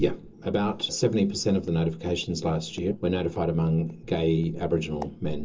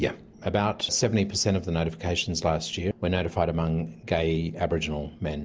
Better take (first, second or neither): second